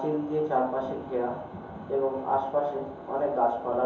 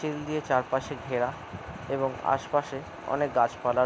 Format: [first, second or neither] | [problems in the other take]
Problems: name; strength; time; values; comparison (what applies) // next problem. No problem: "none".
second | room echo; dies away in 2.8 s